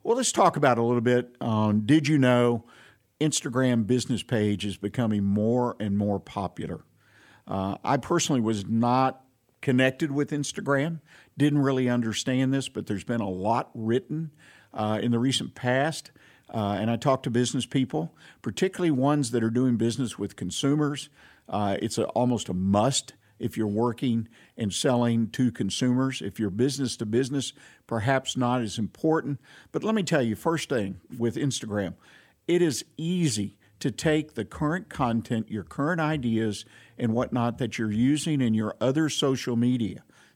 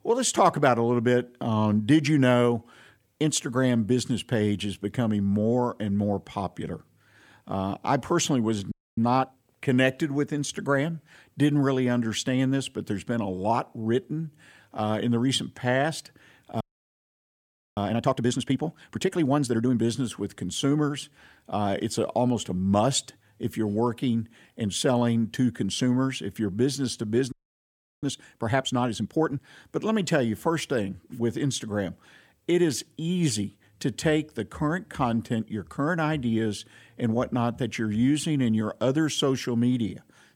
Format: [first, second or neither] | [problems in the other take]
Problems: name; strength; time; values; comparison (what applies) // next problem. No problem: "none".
first | audio freezing; at 8.5 s, at 17 s for 1 s and at 27 s for 0.5 s